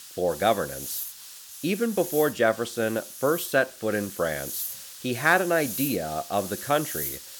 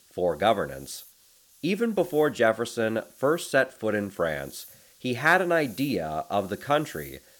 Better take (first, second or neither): second